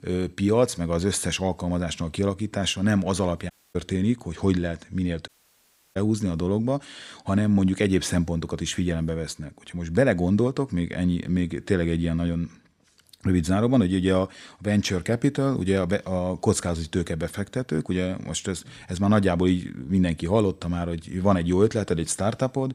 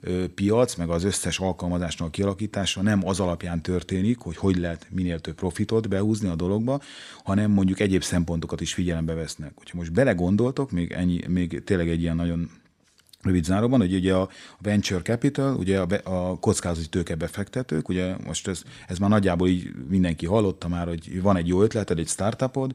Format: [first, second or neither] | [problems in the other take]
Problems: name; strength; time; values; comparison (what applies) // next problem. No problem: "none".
second | audio cutting out; at 3.5 s and at 5.5 s for 0.5 s